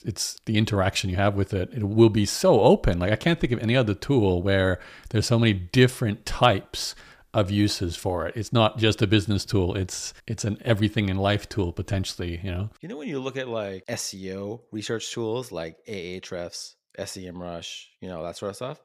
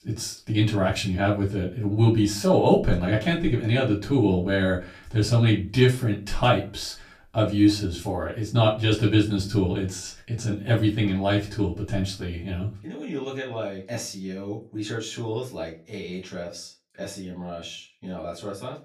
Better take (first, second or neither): first